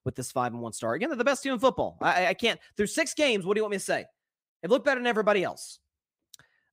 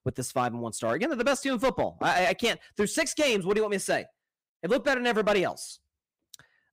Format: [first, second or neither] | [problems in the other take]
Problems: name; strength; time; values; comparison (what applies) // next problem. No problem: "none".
first | distortion; slight; 6% of the sound clipped